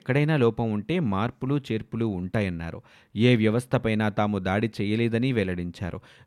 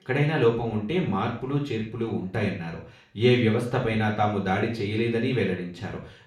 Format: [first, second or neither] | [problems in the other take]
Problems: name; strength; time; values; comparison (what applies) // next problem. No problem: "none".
first | room echo; noticeable; dies away in 0.4 s // off-mic speech; far